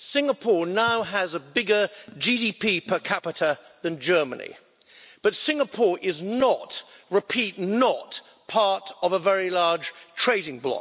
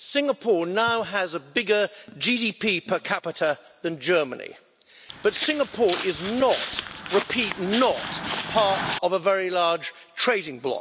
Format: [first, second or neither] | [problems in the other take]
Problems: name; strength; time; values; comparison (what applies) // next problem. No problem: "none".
first | background sound (Walk, footsteps); 7 dB below the speech